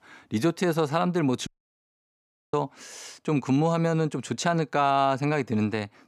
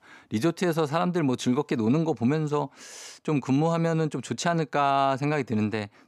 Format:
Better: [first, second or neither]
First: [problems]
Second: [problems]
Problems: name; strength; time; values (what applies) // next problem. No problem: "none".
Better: second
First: audio cutting out; at 1.5 s for 1 s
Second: none